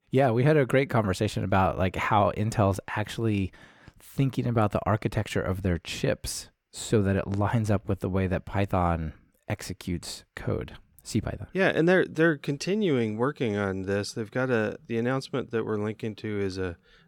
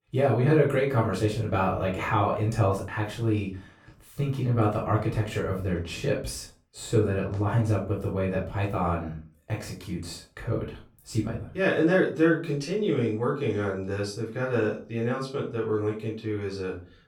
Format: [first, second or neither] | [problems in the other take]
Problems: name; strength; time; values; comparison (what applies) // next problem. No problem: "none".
first | off-mic speech; far // room echo; slight; dies away in 0.3 s